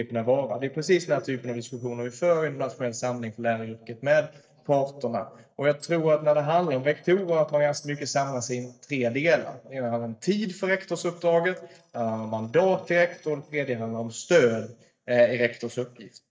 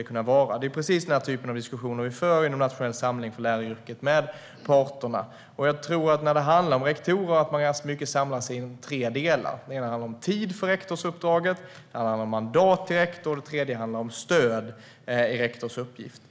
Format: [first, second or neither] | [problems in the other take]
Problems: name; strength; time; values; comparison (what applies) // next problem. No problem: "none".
second | noise reduction (neural mask model DeepFilterNet 3)